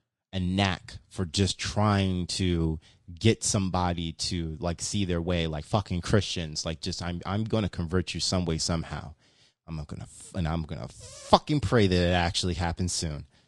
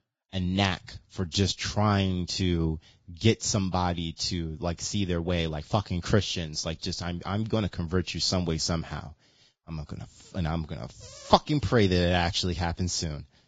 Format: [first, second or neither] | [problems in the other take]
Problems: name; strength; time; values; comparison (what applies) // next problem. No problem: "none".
first | garbled, watery; badly; nothing above 7.5 kHz; slightly in the first